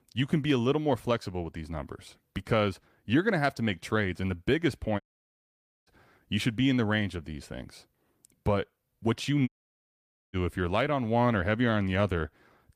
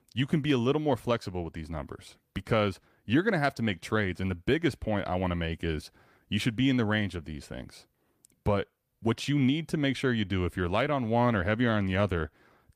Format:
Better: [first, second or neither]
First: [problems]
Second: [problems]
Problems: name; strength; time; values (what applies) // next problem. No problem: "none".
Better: second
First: audio cutting out; at 5 s for 1 s and at 9.5 s for 1 s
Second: none